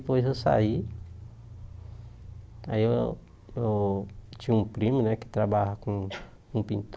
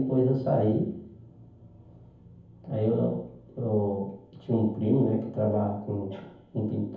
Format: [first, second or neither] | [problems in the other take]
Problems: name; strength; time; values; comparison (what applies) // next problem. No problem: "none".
first | room echo; dies away in 0.7 s